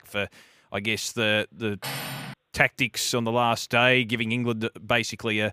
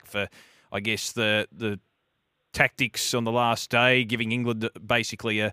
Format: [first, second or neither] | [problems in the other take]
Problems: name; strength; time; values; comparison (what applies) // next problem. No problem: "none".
second | clattering dishes; noticeable; at 2 s; peak 7 dB below the speech